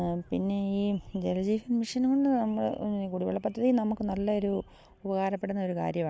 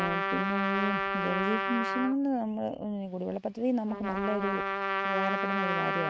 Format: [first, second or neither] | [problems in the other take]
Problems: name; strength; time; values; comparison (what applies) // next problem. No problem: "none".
first | noise reduction (neural mask model RNNoise)